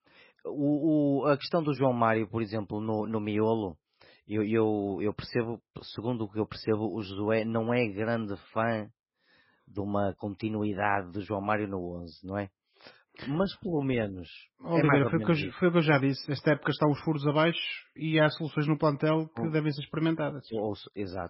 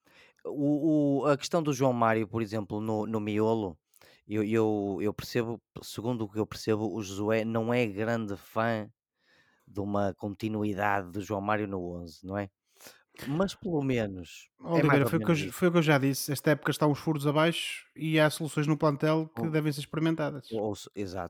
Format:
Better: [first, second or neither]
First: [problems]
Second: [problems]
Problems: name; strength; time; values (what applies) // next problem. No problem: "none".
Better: second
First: garbled, watery; badly; nothing above 5.5 kHz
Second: none